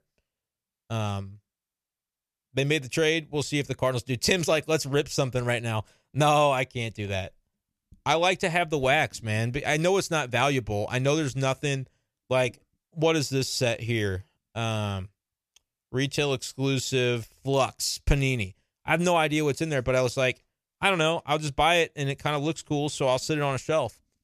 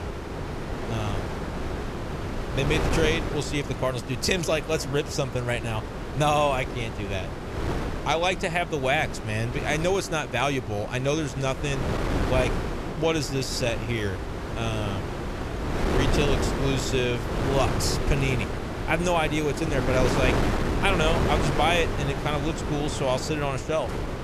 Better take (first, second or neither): first